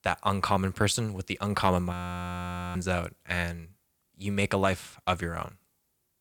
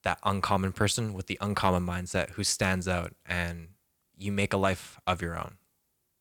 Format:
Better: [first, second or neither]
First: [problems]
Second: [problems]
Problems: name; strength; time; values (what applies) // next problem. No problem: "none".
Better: second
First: audio freezing; at 2 s for 1 s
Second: none